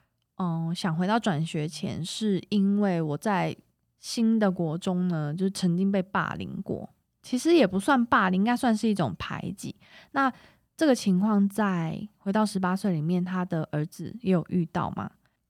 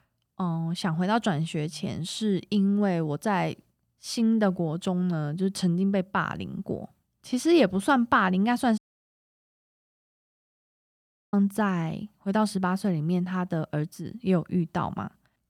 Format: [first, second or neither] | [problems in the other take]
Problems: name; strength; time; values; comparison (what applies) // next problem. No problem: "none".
first | audio cutting out; at 9 s for 2.5 s